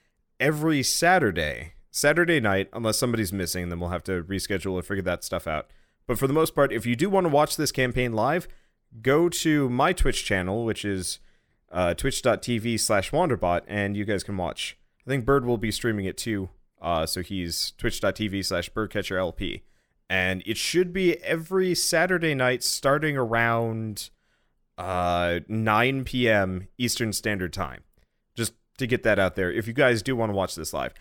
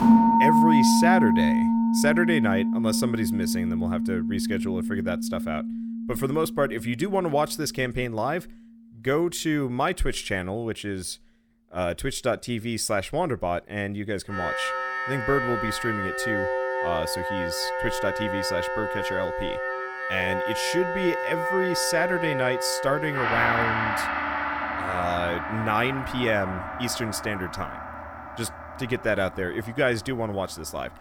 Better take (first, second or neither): first